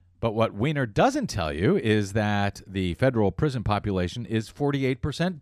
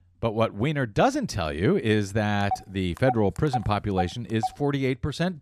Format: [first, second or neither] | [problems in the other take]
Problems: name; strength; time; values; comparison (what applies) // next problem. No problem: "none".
first | phone ringing; noticeable; from 2.5 to 4.5 s; peak 8 dB below the speech